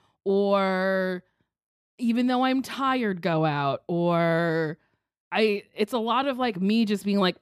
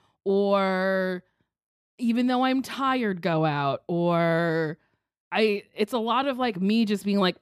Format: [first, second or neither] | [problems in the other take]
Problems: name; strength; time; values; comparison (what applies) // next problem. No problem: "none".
neither | none